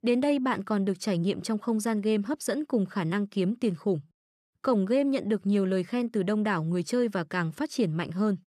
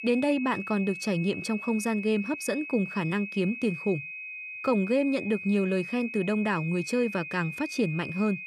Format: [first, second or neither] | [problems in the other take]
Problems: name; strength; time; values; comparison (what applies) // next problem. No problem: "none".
first | high-pitched whine; loud; throughout; 2.5 kHz, 8 dB below the speech